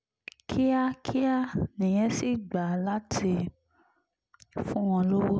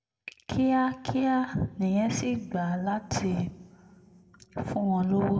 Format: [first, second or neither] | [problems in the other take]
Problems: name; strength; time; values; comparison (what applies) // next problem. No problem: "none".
first | room echo; dies away in 1.3 s